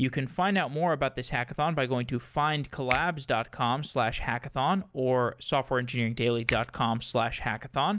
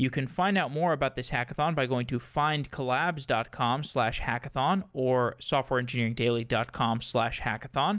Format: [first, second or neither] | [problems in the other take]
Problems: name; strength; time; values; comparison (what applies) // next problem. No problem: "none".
second | background sound (Finger snapping); 12 dB below the speech